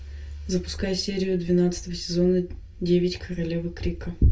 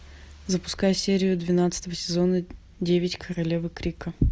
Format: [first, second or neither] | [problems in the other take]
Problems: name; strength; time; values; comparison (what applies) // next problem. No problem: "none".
second | room echo; dies away in 0.2 s